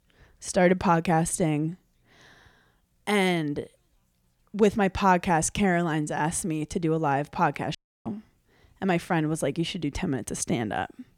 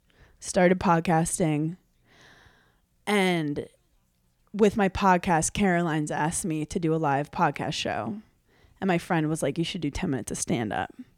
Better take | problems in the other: second | audio cutting out; at 8 s

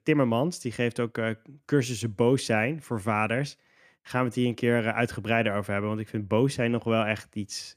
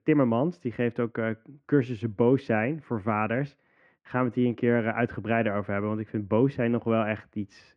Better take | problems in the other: first | muffled; very; fading above 1.5 kHz

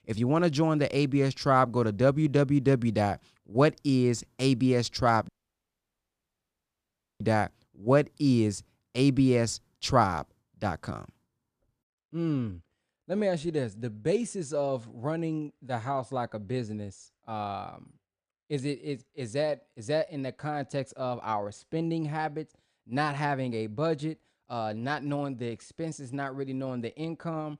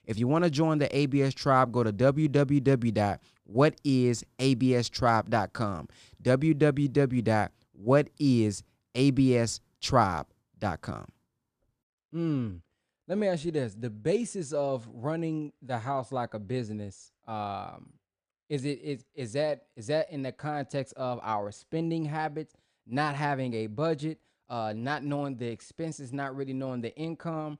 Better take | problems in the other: second | audio cutting out; at 5.5 s for 2 s

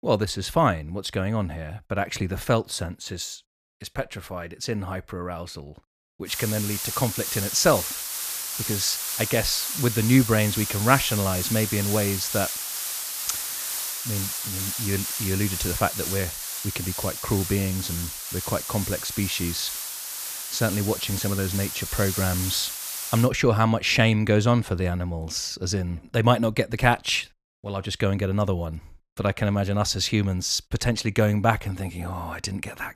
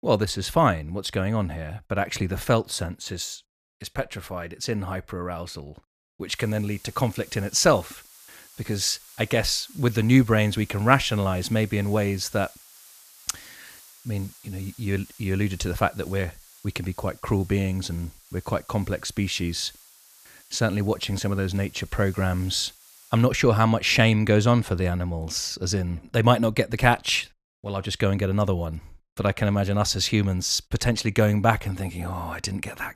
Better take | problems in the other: second | hiss; loud; from 6.5 to 23 s; 3 dB below the speech; faint in the second

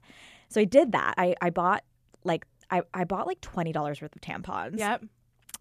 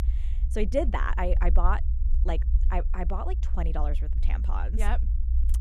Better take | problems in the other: first | low rumble; noticeable; throughout; 15 dB below the speech

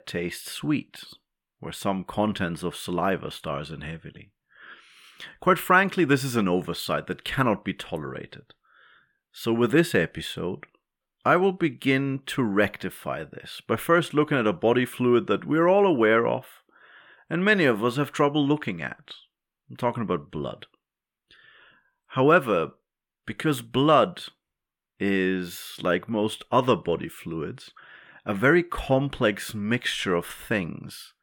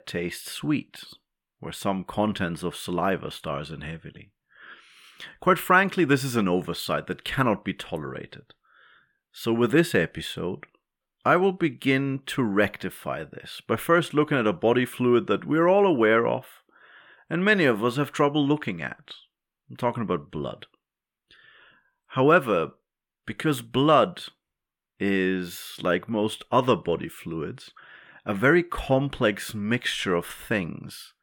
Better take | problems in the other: neither | none

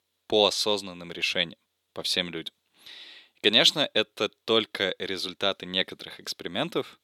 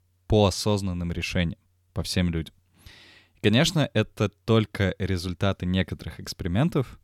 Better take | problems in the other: second | thin; somewhat; fading below 400 Hz

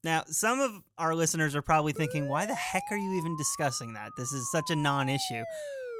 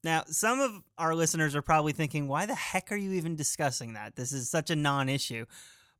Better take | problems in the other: second | siren; noticeable; from 2 s on; peak 9 dB below the speech

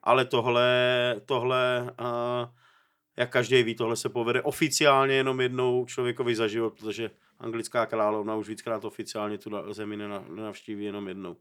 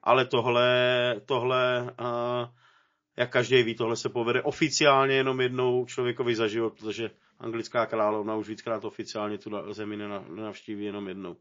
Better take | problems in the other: first | garbled, watery; slightly

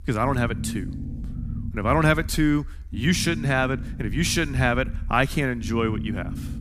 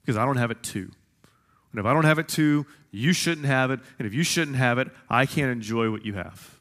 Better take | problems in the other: second | low rumble; noticeable; throughout; 20 dB below the speech

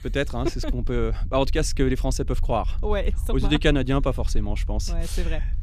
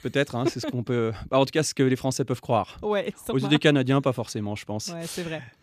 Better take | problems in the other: second | low rumble; faint; throughout; 25 dB below the speech

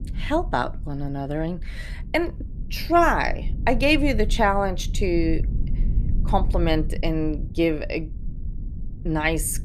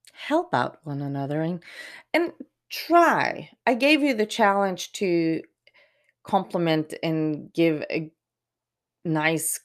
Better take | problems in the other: second | low rumble; faint; throughout; 20 dB below the speech

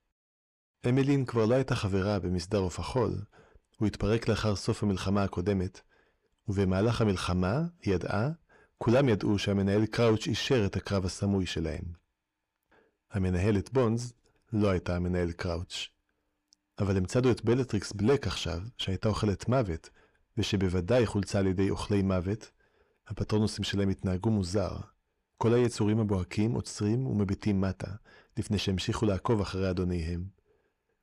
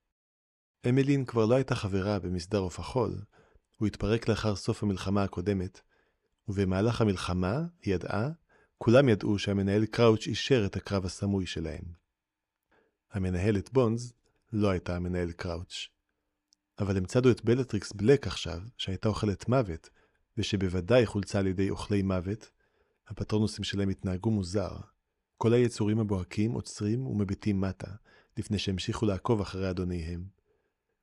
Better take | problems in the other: second | distortion; slight; 10 dB below the speech

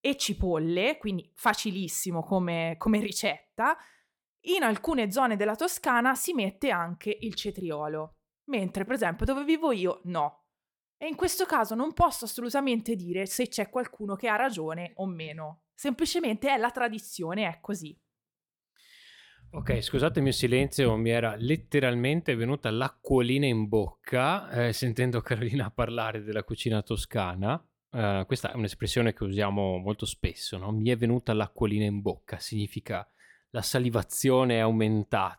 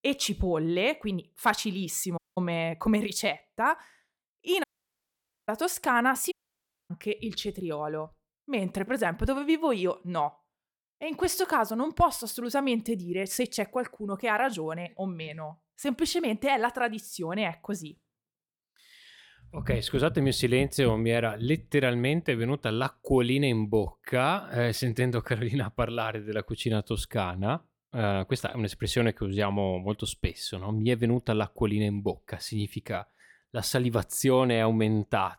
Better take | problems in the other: first | audio cutting out; at 2 s, at 4.5 s for 1 s and at 6.5 s for 0.5 s

